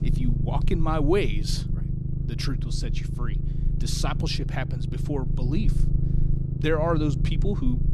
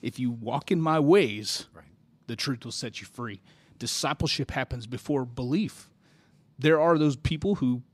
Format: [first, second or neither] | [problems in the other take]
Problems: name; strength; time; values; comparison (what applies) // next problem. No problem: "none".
second | low rumble; loud; throughout; 9 dB below the speech